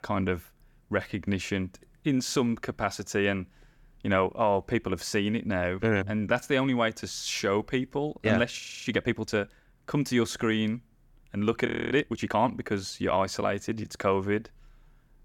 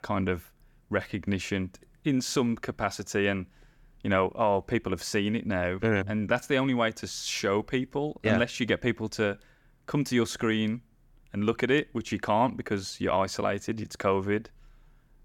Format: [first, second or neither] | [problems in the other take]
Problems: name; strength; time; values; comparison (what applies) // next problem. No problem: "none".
second | audio freezing; at 8.5 s and at 12 s